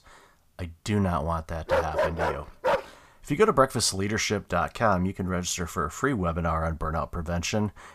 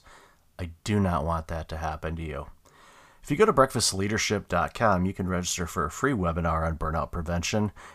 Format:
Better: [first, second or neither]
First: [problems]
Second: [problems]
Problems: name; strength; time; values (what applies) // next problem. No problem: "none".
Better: second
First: dog barking; loud; from 1.5 to 3 s; peak 2 dB above the speech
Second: none